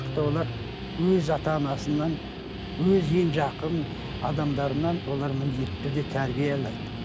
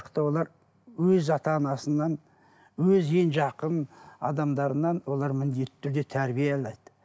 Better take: second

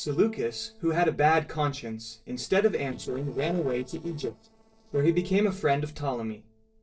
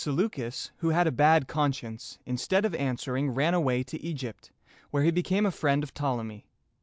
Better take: second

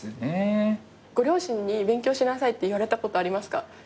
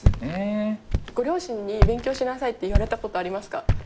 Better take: first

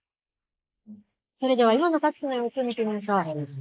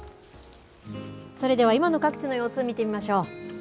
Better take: second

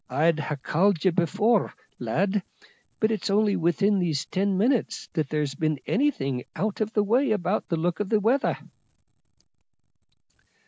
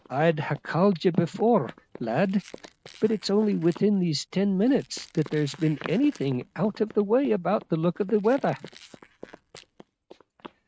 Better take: first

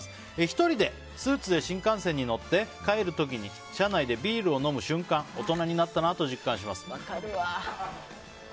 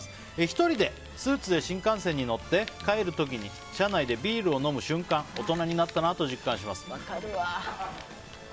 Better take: first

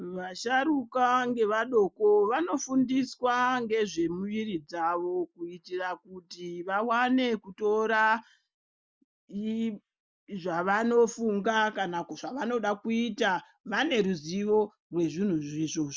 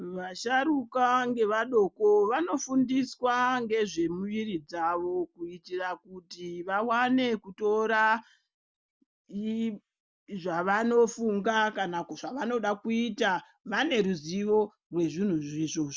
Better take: second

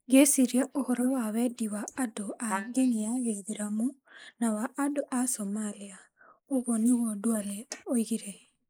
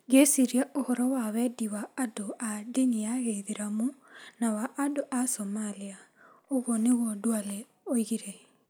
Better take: second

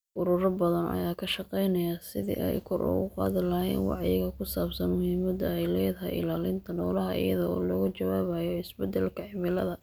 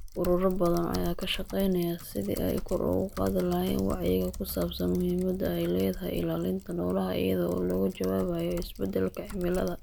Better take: first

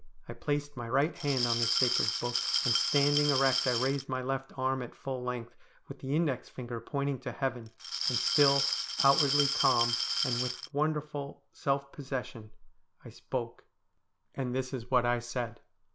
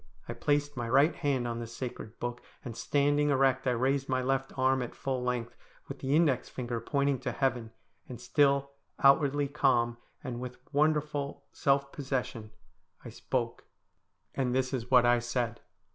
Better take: second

